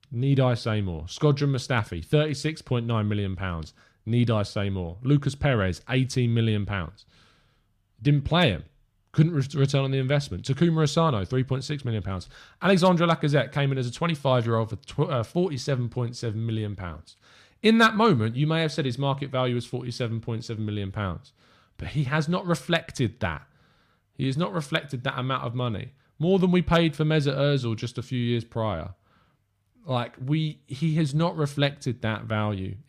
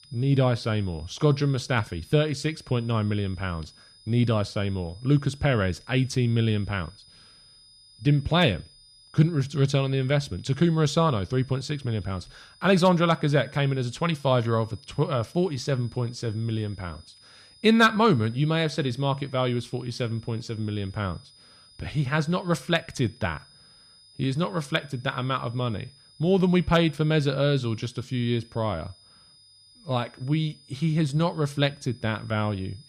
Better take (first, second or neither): first